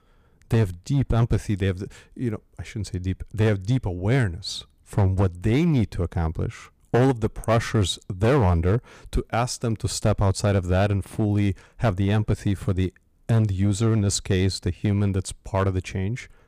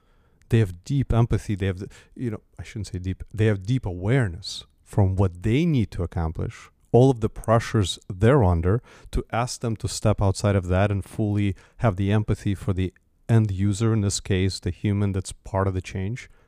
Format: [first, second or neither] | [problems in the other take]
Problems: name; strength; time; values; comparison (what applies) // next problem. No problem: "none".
second | distortion; slight; 6% of the sound clipped